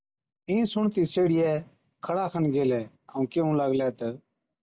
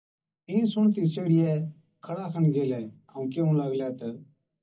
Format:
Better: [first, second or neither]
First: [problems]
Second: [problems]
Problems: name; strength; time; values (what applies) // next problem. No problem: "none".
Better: first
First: none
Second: room echo; dies away in 0.4 s